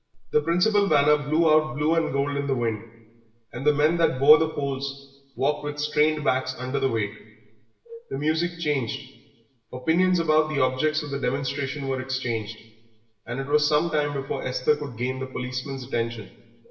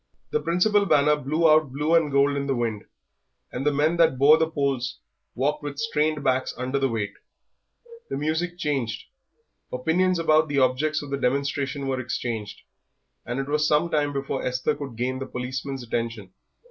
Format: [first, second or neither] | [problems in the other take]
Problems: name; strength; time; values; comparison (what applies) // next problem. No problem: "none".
second | room echo; dies away in 1 s